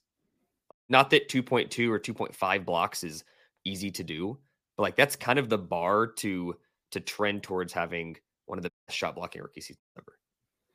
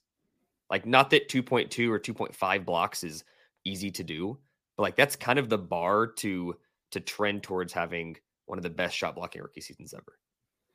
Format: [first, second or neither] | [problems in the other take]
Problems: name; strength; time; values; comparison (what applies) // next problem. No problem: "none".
second | audio cutting out; at 0.5 s, at 8.5 s and at 10 s